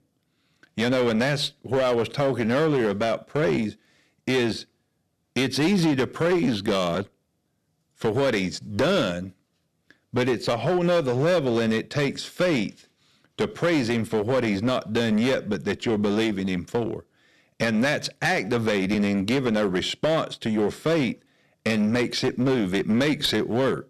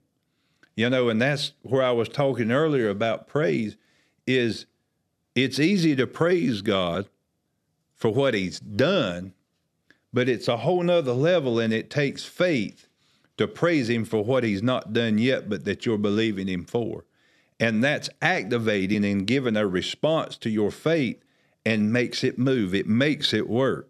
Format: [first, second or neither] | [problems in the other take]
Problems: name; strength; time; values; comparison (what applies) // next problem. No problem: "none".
second | distortion; slight; 12% of the sound clipped